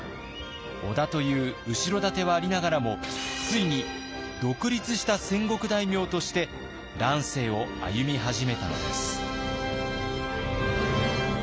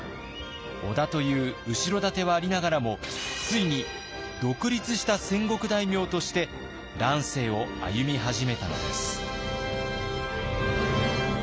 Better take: second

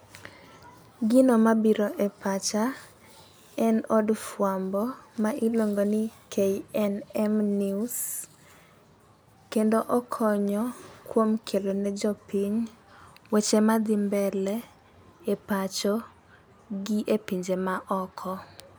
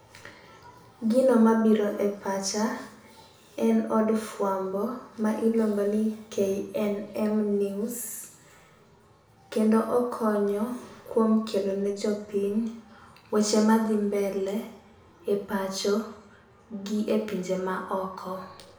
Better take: first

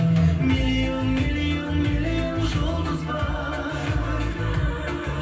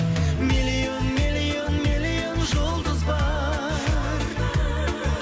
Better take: second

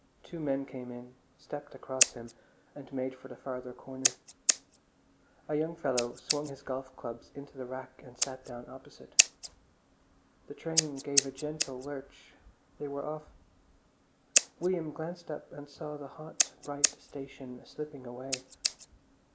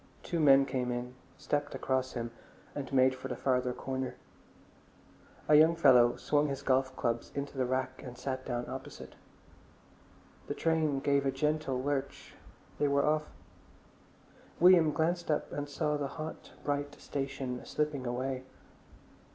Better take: second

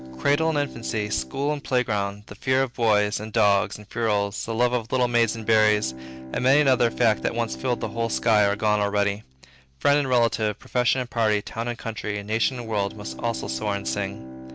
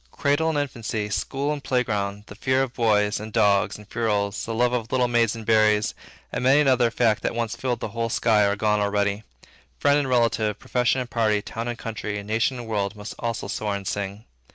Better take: second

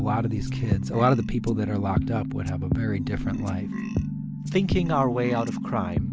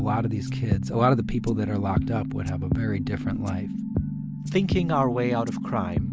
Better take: second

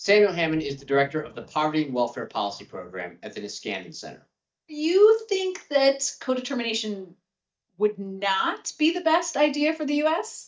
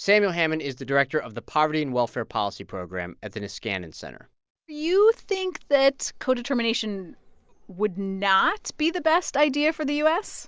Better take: second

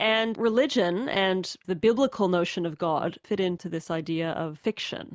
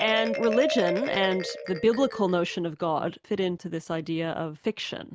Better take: first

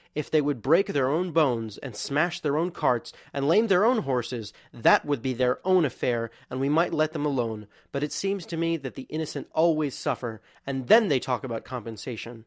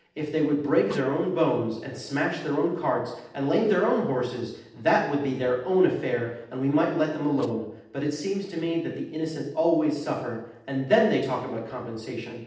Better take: first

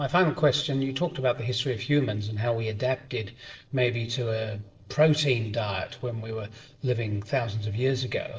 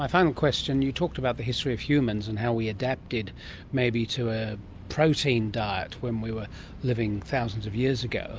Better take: second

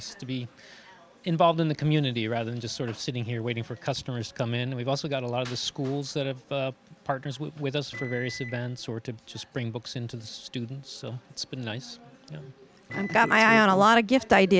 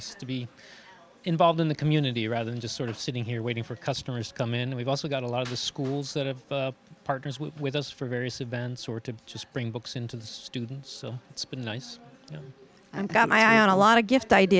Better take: second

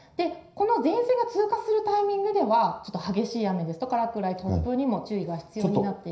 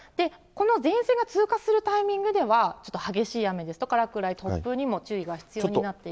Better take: second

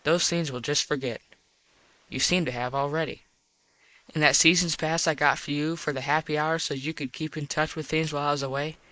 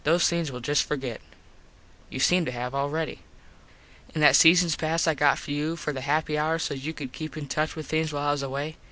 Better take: second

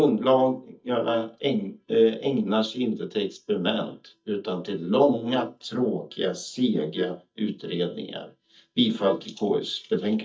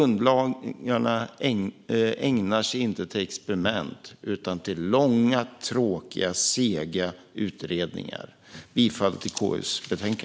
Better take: second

